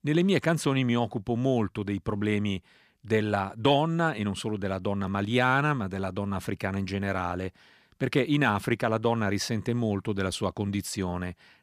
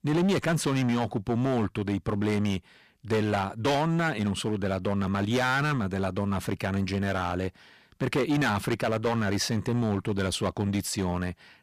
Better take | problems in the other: first | distortion; heavy; 11% of the sound clipped

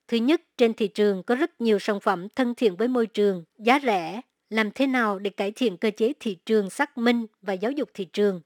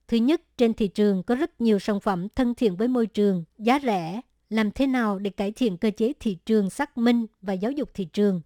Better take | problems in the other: second | thin; very slightly; fading below 300 Hz

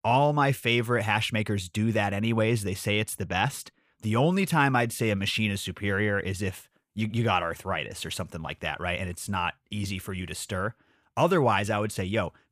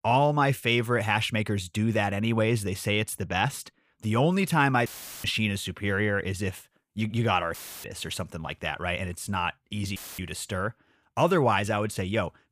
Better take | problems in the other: first | audio cutting out; filled with static; at 5 s, at 7.5 s and at 10 s

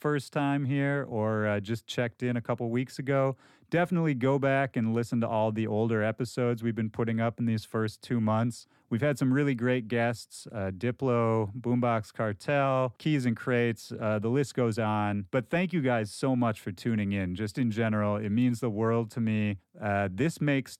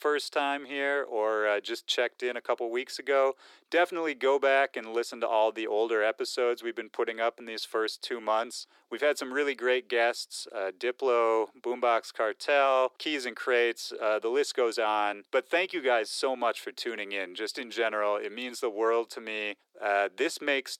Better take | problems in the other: first | thin; very; fading below 350 Hz

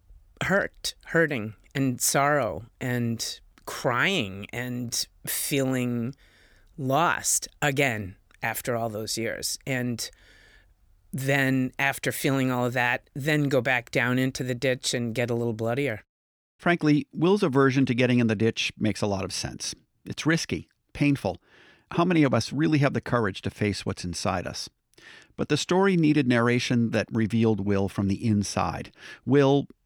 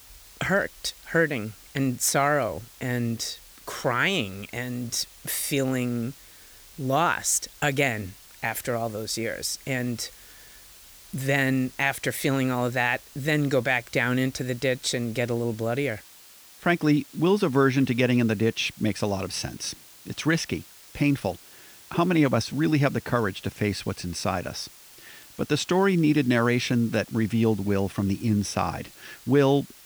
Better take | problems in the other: first | hiss; faint; throughout; 20 dB below the speech

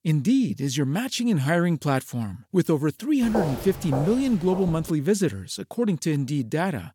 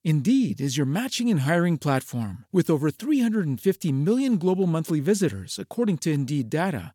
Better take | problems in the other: second | footsteps; noticeable; from 3 to 5 s; peak 4 dB below the speech

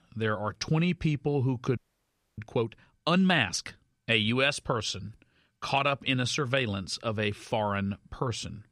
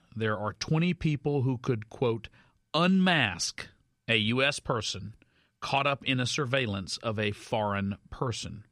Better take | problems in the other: second | audio freezing; at 2 s for 0.5 s

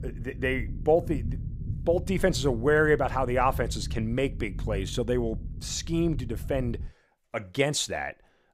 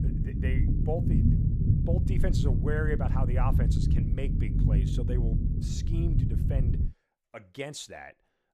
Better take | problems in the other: first | low rumble; loud; until 7 s; 1 dB below the speech; faint in the first

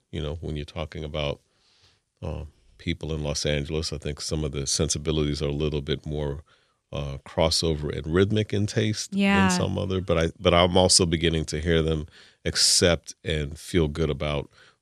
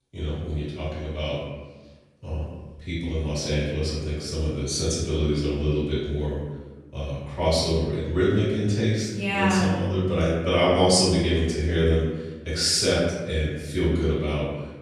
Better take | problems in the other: first | off-mic speech; far // room echo; noticeable; dies away in 1.1 s

